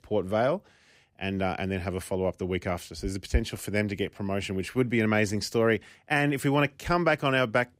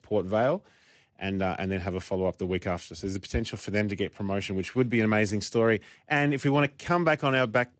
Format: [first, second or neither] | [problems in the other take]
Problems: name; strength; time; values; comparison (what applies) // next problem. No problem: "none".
first | garbled, watery; slightly; nothing above 8 kHz